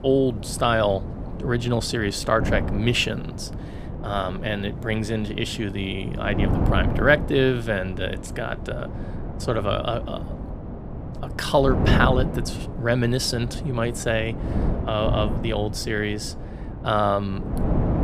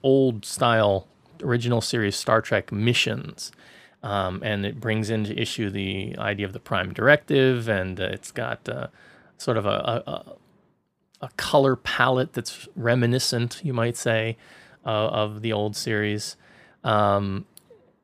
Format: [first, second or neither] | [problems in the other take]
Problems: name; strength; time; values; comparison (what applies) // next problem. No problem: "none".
second | wind noise on the microphone; occasional gusts; 10 dB below the speech